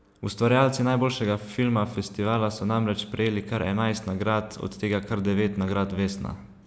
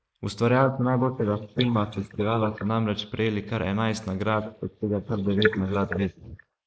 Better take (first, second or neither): first